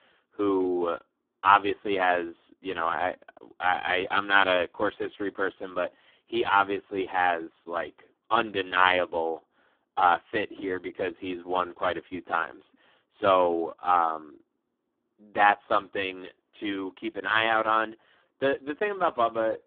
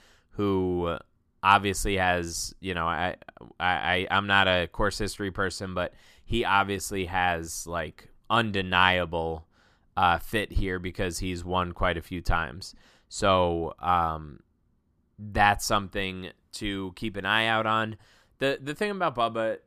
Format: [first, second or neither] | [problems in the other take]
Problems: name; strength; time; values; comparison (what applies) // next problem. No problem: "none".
second | phone-call audio; poor line